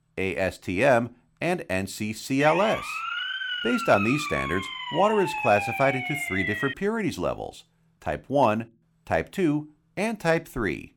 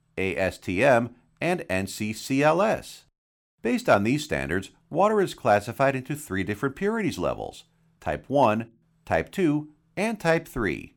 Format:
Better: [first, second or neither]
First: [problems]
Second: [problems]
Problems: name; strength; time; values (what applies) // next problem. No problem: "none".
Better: second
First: siren; noticeable; from 2.5 to 6.5 s; peak 2 dB below the speech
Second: none